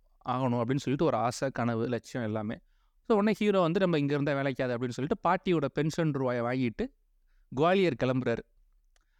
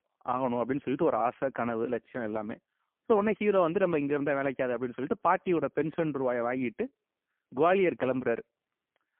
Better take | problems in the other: first | phone-call audio; poor line

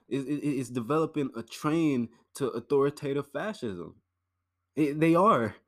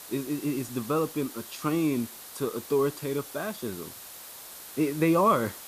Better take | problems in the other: first | hiss; noticeable; throughout; 15 dB below the speech

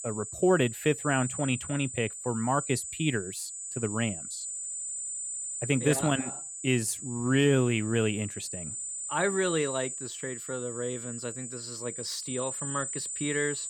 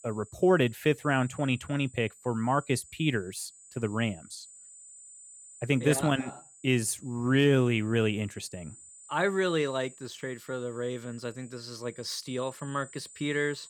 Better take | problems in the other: second | high-pitched whine; loud; throughout; 8 kHz, 6 dB below the speech; faint in the second

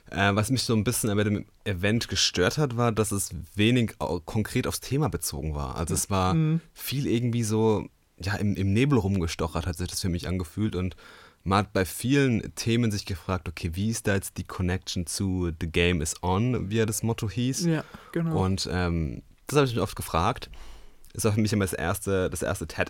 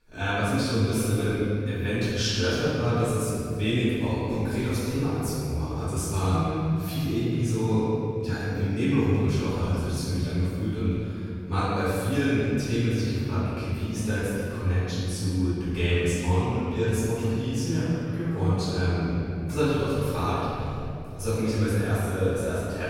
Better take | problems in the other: first | off-mic speech; far // room echo; strong; dies away in 3 s

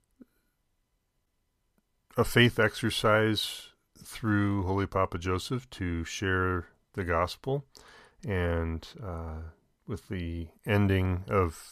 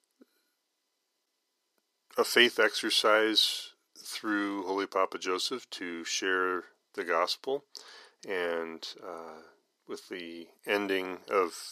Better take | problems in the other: first | thin; somewhat; fading below 300 Hz

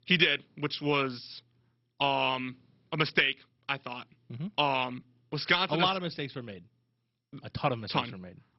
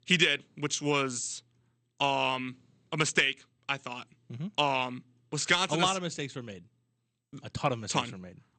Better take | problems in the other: second | garbled, watery; badly; nothing above 5.5 kHz; slightly in the second

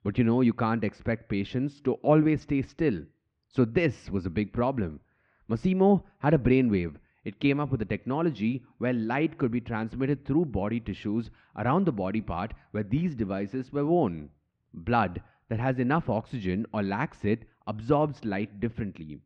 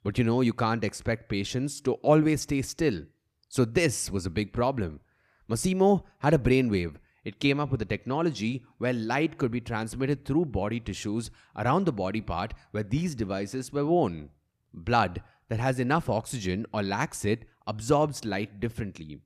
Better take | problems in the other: second | muffled; slightly; fading above 3 kHz

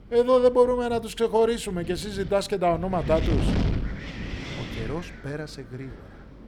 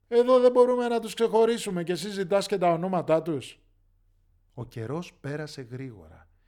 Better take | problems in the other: second | wind noise on the microphone; occasional gusts; 15 dB below the speech

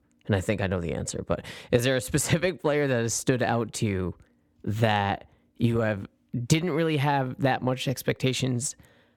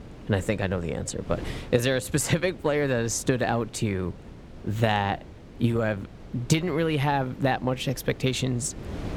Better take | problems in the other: first | wind noise on the microphone; occasional gusts; 20 dB below the speech

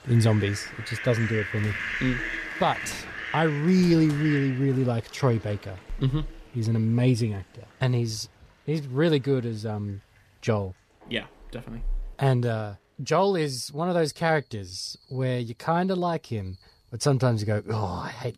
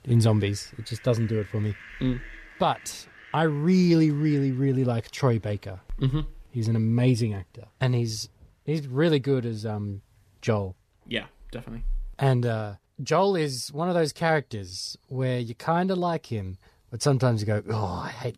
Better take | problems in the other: second | animal sounds; loud; throughout; 7 dB below the speech; faint in the second

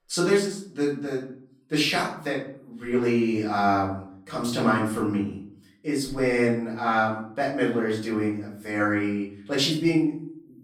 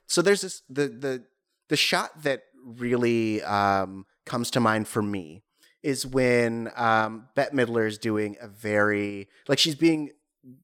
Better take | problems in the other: second | off-mic speech; far // room echo; noticeable; dies away in 0.6 s

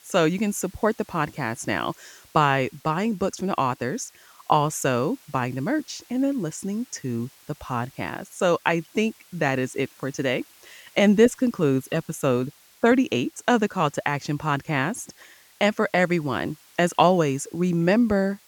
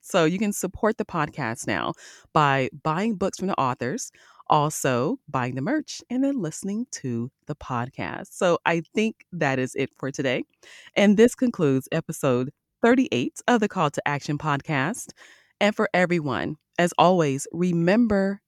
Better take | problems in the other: second | hiss; faint; throughout; 25 dB below the speech

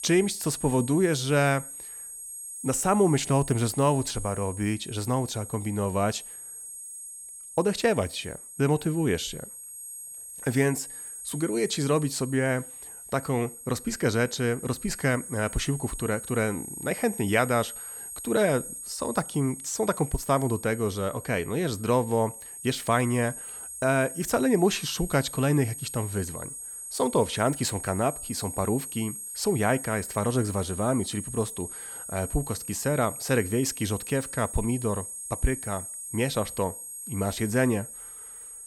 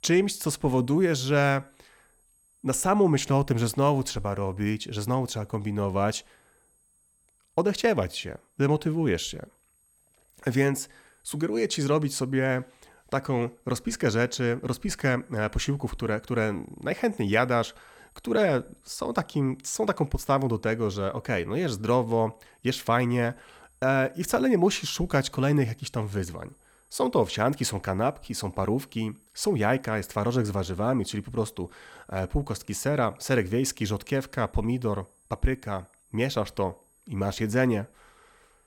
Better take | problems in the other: second | high-pitched whine; loud; throughout; 8.5 kHz, 9 dB below the speech; faint in the second

